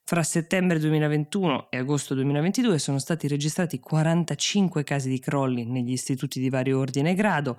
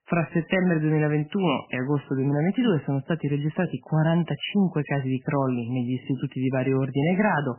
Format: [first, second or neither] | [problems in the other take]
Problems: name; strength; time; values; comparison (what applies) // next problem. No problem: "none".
first | garbled, watery; badly; nothing above 3 kHz